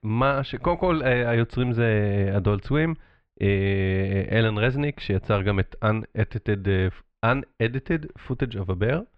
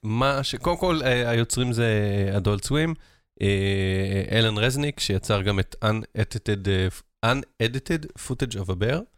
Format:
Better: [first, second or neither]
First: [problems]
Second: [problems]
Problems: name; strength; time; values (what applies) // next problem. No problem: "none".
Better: second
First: muffled; very; fading above 2.5 kHz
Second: none